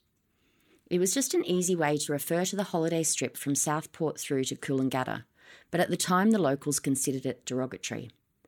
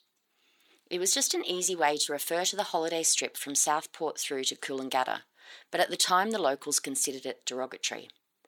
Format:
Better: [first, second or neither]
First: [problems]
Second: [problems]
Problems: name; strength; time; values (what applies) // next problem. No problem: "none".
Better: first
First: none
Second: thin; somewhat; fading below 450 Hz